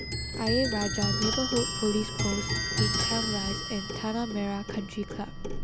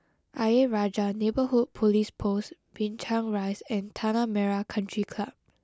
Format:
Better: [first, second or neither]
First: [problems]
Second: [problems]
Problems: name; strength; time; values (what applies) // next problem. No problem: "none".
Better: second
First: background sound (Clock); 1 dB above the speech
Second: none